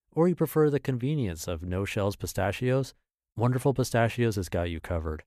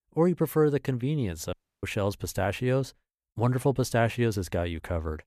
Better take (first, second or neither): first